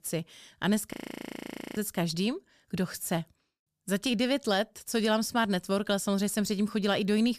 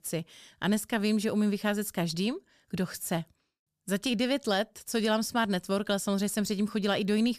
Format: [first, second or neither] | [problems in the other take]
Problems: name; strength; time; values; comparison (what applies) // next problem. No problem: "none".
second | audio freezing; at 1 s for 1 s